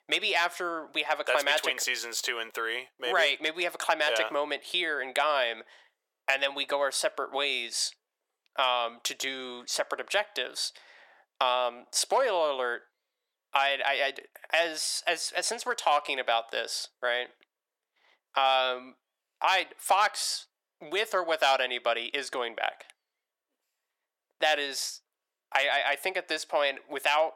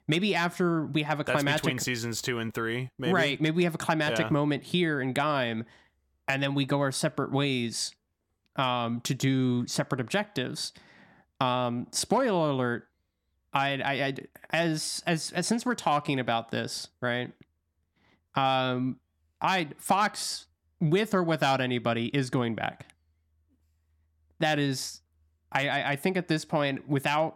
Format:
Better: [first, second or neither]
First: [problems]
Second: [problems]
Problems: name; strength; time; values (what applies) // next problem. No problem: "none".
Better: second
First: thin; very; fading below 500 Hz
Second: none